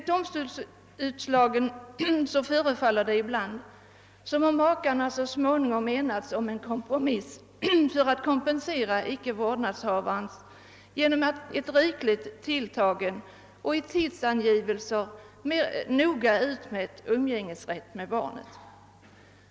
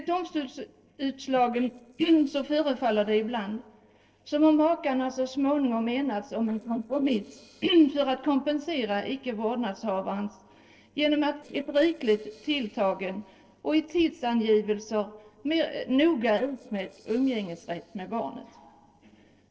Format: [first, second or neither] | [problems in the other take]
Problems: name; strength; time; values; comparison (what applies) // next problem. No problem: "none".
first | noise reduction (neural separator model SepFormer DNS4)